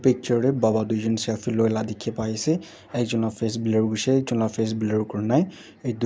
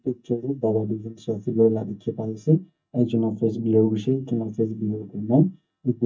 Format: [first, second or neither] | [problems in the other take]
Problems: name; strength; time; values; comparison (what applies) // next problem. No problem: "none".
first | noise reduction (neural mask model DeepFilterNet 3)